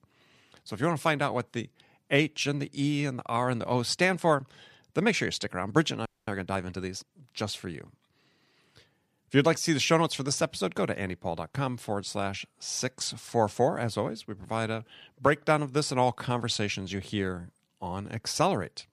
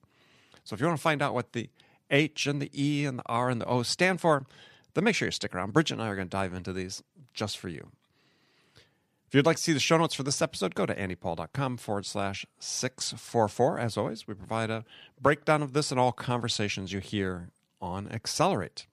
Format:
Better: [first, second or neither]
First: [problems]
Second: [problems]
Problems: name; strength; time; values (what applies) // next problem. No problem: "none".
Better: second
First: audio freezing; at 6 s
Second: none